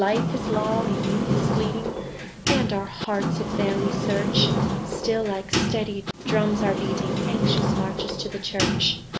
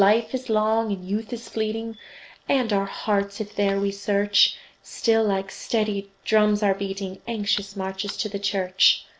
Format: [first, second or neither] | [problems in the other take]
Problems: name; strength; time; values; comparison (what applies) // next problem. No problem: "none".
second | background sound (Sliding door); 2 dB above the speech